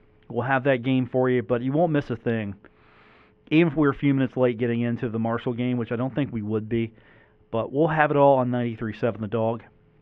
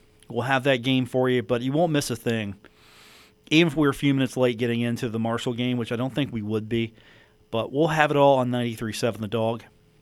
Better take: second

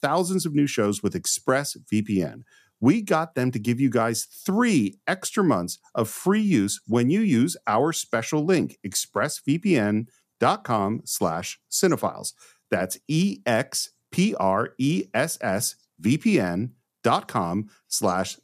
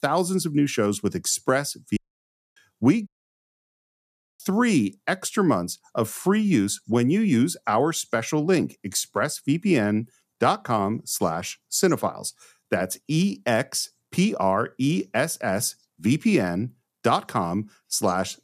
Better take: first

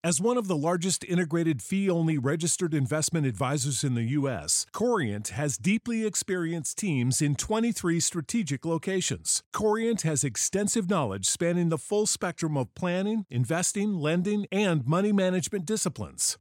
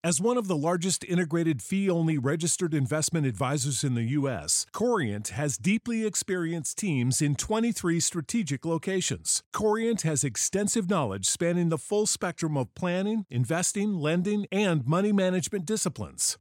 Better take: neither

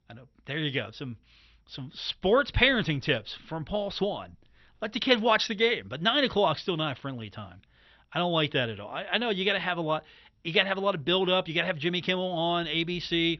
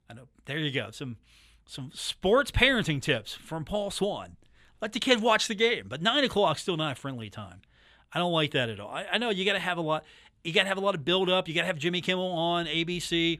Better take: second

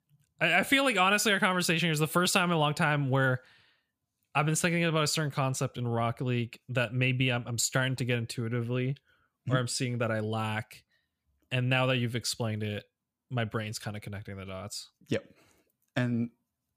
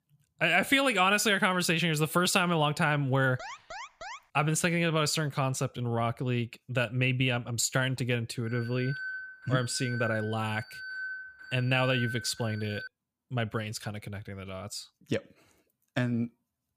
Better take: first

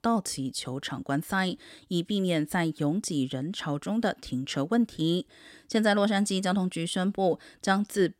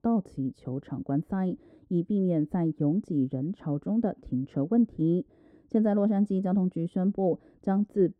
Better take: first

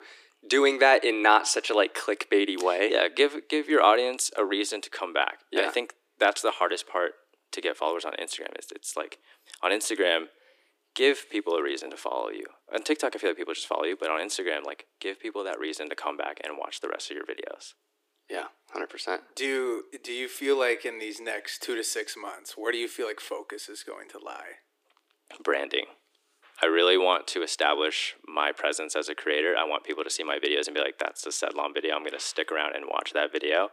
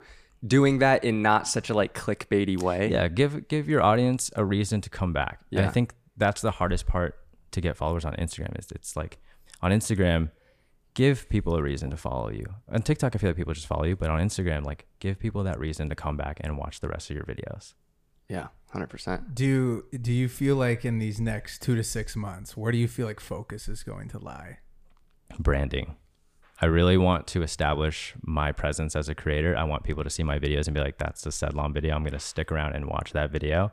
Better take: second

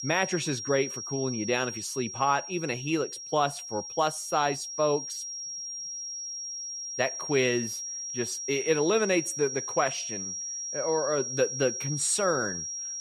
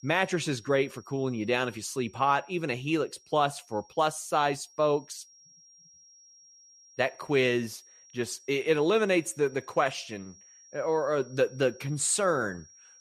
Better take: second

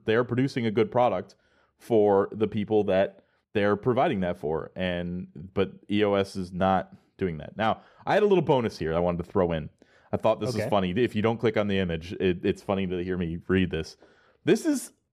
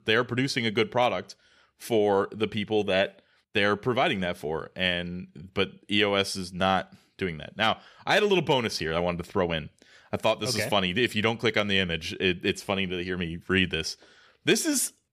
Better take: second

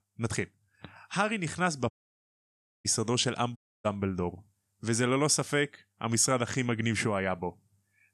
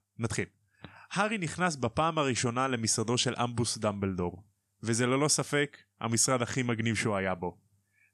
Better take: second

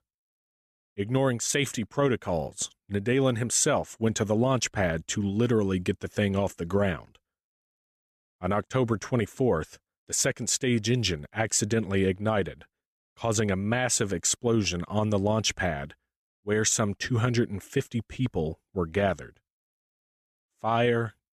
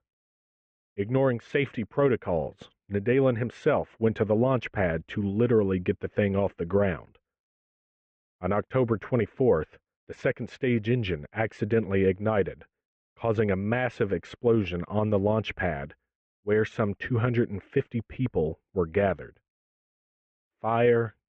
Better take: first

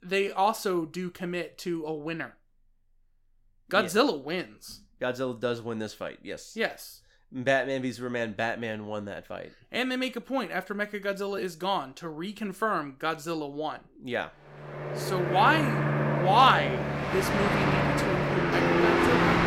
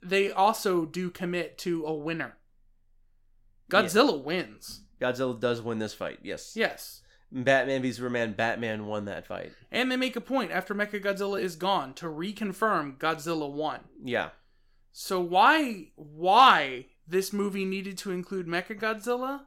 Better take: second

